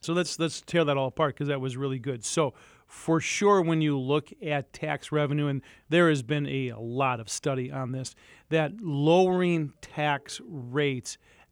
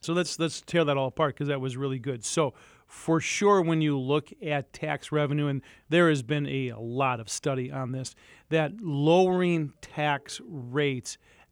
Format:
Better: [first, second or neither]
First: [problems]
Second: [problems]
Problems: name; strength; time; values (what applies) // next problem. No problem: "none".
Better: neither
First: none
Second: none